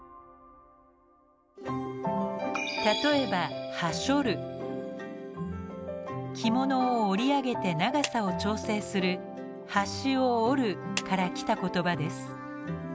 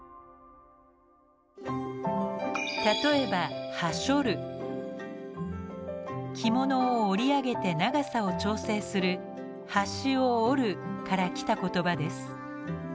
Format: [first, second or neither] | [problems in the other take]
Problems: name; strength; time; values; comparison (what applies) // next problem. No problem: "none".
second | background sound (Clapping); 12 dB below the speech